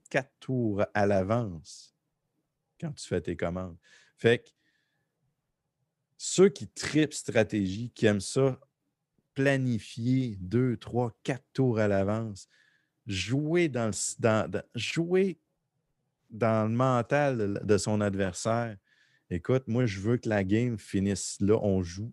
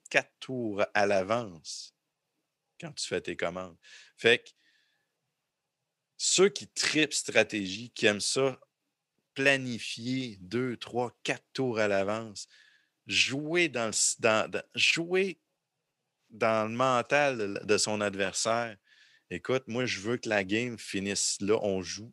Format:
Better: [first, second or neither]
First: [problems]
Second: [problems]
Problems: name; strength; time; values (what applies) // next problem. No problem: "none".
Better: first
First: none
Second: thin; somewhat; fading below 600 Hz